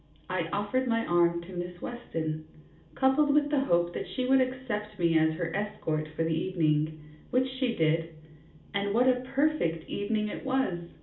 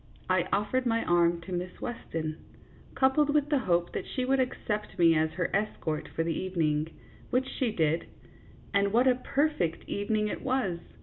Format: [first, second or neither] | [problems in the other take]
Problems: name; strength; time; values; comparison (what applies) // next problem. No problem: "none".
second | room echo; dies away in 0.4 s